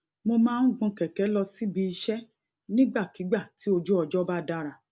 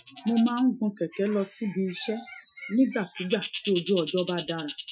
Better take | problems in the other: first | noise reduction (classical method Wiener filter)

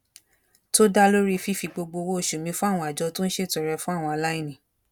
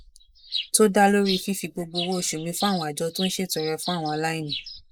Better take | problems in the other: first | noise reduction (neural mask model Resemble Enhance denoiser)

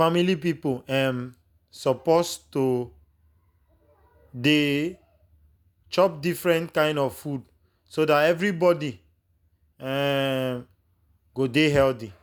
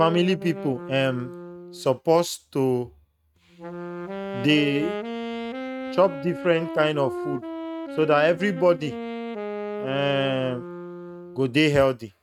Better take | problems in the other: first | noise reduction (neural mask model RNNoise)

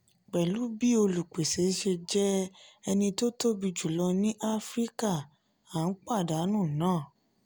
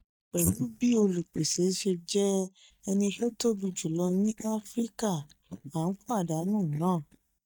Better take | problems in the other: first | noise reduction (neural mask model DeepFilterNet 3)

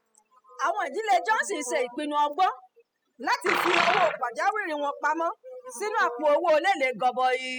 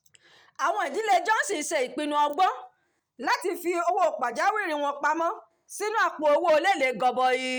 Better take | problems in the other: second | noise reduction (classical method spectral subtraction)

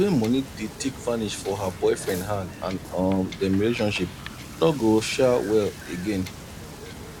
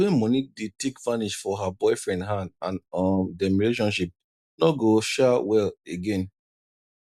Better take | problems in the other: second | background sound (Wind / Boat, Water vehicle); 13 dB below the speech

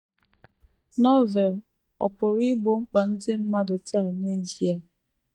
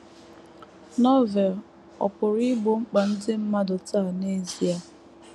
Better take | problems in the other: second | noise reduction (neural mask model DeepFilterNet 3)

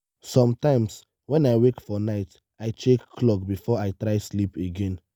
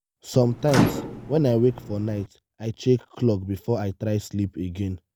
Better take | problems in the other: first | background sound (Microwave oven); 7 dB below the speech

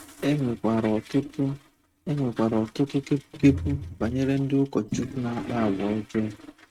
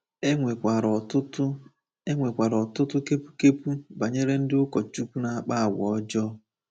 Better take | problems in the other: second | noise reduction (neural mask model RNNoise)

